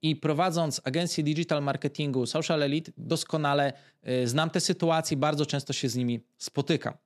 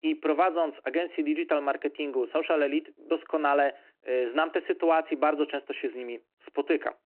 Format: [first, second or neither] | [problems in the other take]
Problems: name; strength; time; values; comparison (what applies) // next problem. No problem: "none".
first | phone-call audio